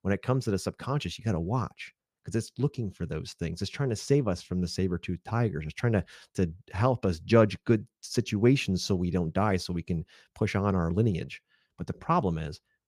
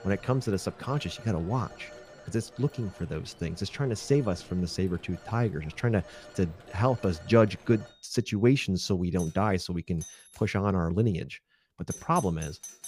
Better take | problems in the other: first | alarms or sirens; noticeable; throughout; 20 dB below the speech

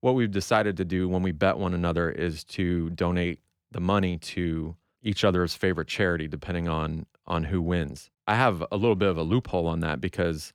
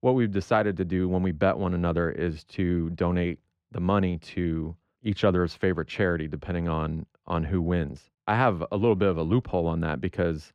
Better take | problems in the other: first | muffled; slightly; fading above 1.5 kHz

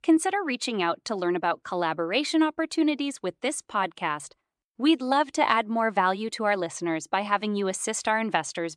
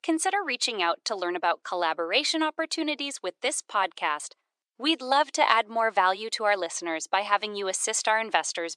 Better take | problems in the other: first | thin; somewhat; fading below 500 Hz

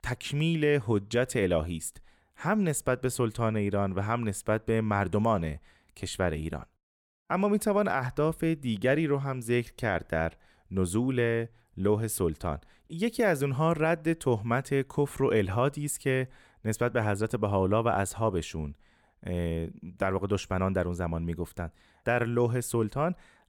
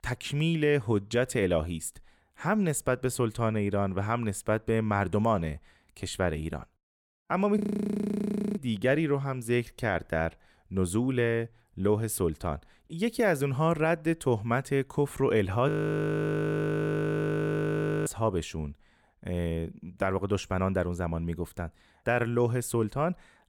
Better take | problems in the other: first | audio freezing; at 7.5 s for 1 s and at 16 s for 2.5 s

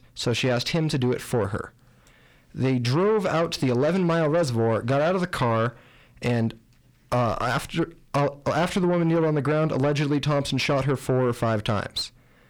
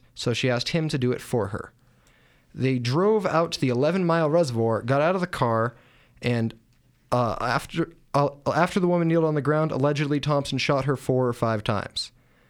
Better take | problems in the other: second | distortion; slight; 10 dB below the speech

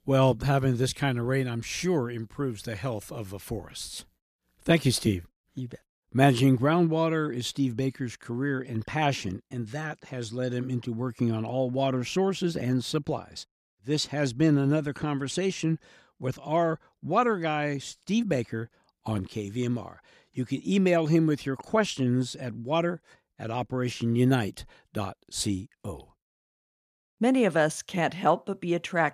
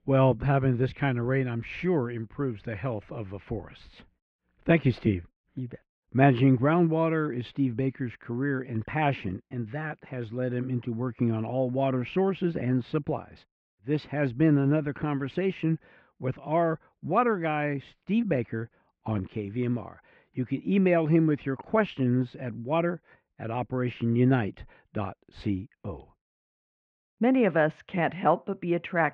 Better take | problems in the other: first | muffled; very; fading above 2.5 kHz

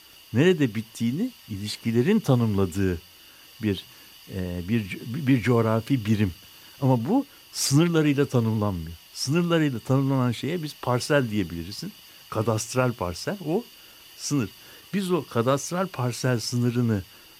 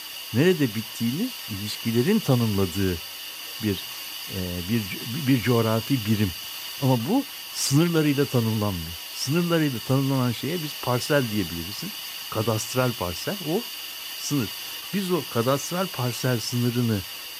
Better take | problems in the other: first | hiss; loud; throughout; 7 dB below the speech; faint in the first

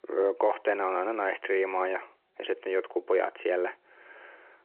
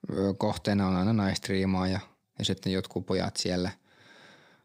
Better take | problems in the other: second | phone-call audio

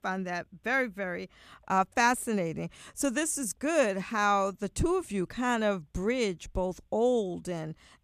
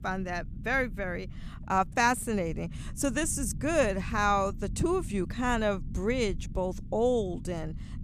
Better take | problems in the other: first | low rumble; faint; throughout; 25 dB below the speech

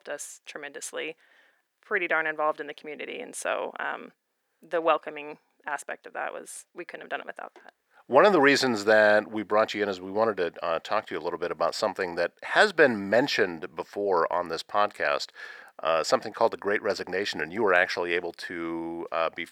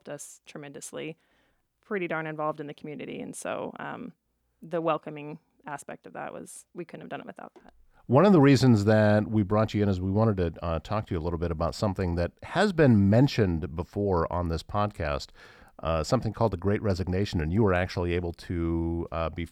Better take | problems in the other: second | thin; very; fading below 500 Hz

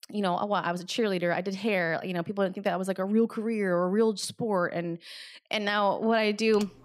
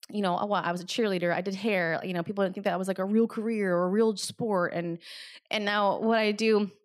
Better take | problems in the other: second | keyboard typing; very faint; at 6.5 s; peak 20 dB below the speech

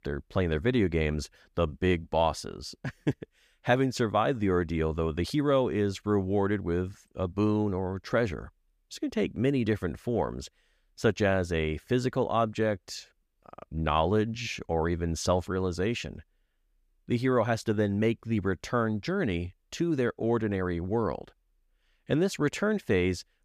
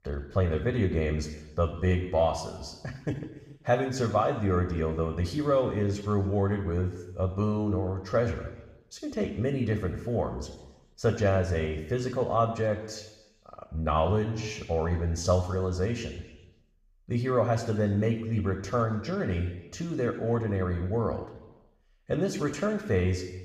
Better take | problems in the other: first | room echo; slight; dies away in 0.9 s // off-mic speech; somewhat distant

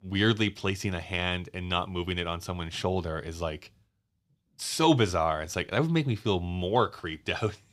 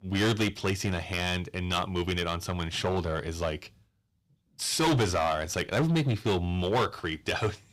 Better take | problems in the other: first | distortion; heavy; 8% of the sound clipped

